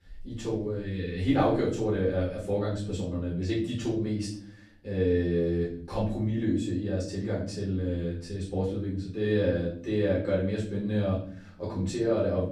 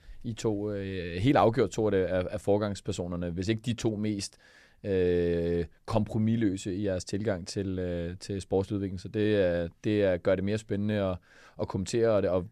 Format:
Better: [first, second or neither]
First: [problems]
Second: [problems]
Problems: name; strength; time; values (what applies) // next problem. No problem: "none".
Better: second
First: off-mic speech; far // room echo; noticeable; dies away in 0.6 s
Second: none